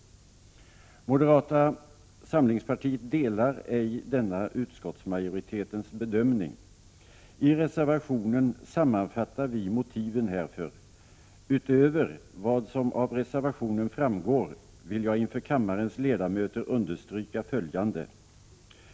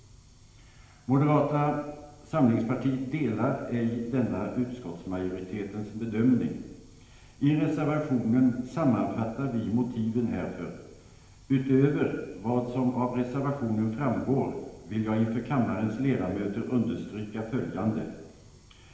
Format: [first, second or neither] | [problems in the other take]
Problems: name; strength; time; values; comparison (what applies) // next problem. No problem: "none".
first | room echo; dies away in 1.1 s